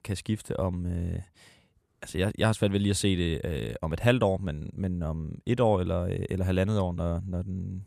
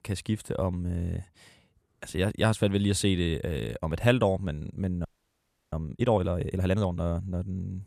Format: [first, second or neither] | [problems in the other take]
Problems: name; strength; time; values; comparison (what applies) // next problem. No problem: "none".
first | audio freezing; at 5 s for 0.5 s